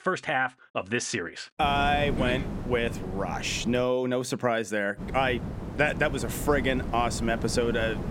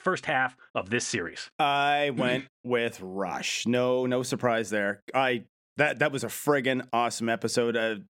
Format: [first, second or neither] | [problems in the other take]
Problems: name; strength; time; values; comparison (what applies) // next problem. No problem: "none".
second | wind noise on the microphone; occasional gusts; from 1.5 to 4 s and from 5 s on; 15 dB below the speech